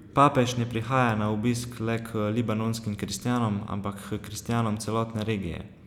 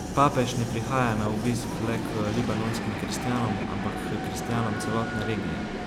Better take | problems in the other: first | background sound (Train); 3 dB below the speech

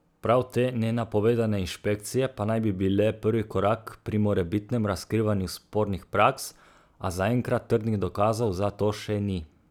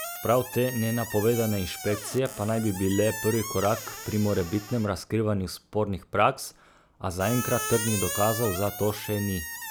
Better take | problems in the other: first | background sound (Squeak); 10 dB below the speech

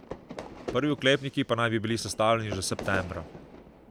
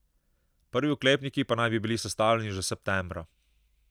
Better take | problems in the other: second | background sound (Fire / Fireworks); 13 dB below the speech

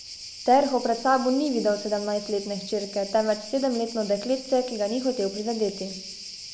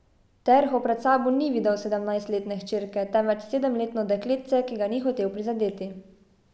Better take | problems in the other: second | background sound (Cricket); 14 dB below the speech

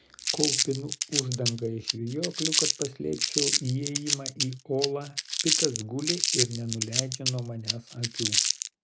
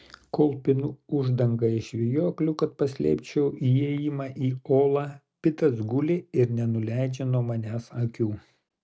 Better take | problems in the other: second | background sound (Crumpling, crinkling); 3 dB above the speech

